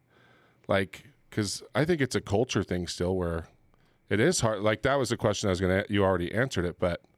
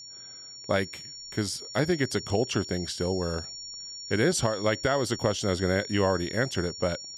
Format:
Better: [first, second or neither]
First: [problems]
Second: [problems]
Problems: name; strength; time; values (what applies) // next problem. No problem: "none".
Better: first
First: none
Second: high-pitched whine; loud; throughout; 5.5 kHz, 10 dB below the speech